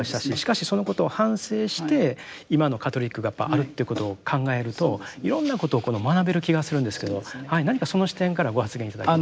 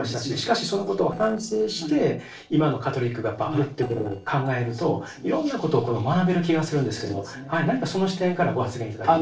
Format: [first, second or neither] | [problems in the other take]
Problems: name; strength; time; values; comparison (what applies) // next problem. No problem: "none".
first | noise reduction (neural separator model SepFormer DNS4)